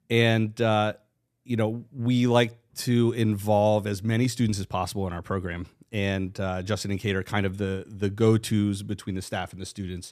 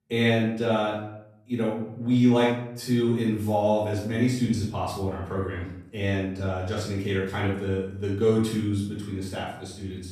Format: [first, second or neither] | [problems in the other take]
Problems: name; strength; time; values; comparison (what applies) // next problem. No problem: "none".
first | off-mic speech; far // room echo; noticeable; dies away in 0.6 s